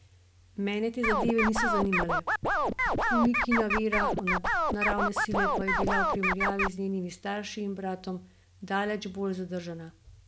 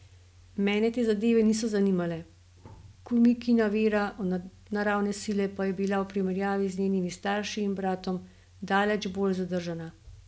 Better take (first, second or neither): second